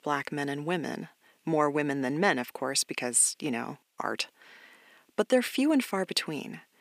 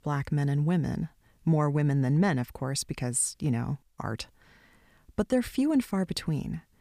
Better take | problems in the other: second | thin; somewhat; fading below 300 Hz

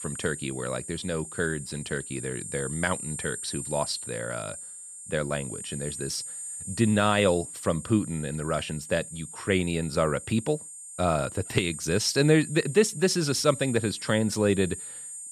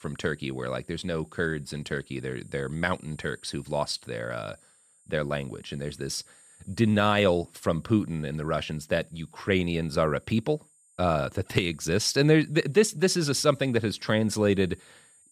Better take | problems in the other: second | high-pitched whine; loud; throughout; 8.5 kHz, 9 dB below the speech; faint in the second

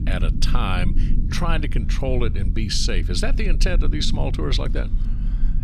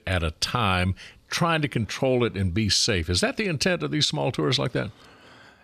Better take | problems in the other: second | low rumble; noticeable; throughout; 10 dB below the speech

